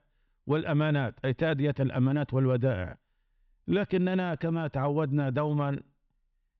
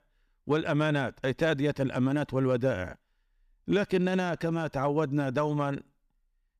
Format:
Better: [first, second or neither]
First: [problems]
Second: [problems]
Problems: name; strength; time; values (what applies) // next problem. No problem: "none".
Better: second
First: muffled; slightly; fading above 3.5 kHz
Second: none